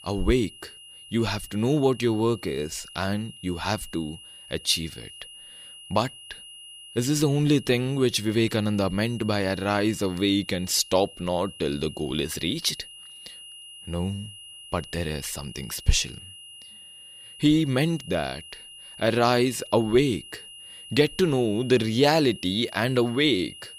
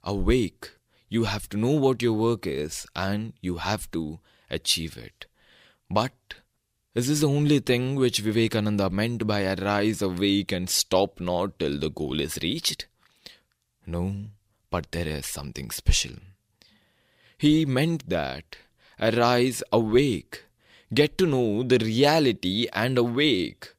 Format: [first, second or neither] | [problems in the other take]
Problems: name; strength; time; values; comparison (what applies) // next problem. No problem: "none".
second | high-pitched whine; noticeable; throughout; 3 kHz, 15 dB below the speech